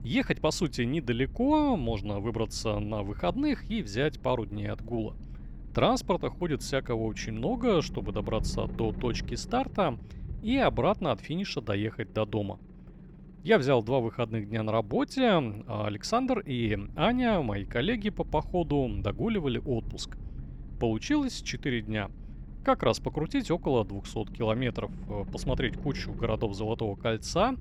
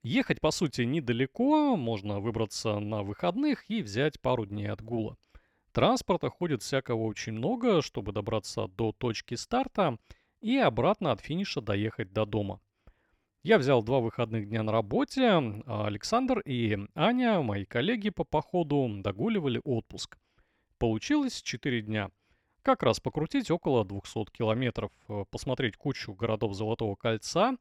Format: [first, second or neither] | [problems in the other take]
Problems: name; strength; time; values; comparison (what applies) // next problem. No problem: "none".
second | low rumble; faint; throughout; 25 dB below the speech